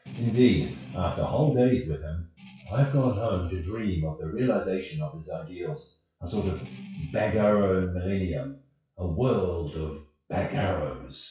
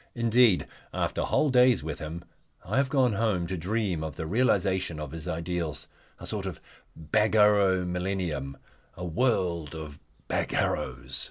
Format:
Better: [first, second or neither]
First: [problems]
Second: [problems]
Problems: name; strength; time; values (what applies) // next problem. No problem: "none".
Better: second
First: noise reduction (classical method WPE with log-MMSE)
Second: none